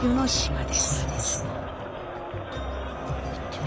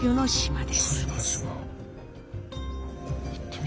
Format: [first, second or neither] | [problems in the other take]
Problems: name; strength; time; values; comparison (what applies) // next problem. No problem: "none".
second | background sound (Crowd); 8 dB below the speech